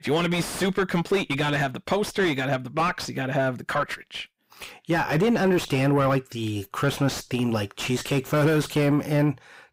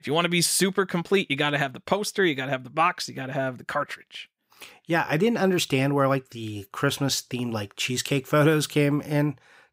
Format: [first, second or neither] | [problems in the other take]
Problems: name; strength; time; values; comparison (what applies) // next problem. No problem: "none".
second | distortion; heavy; 6 dB below the speech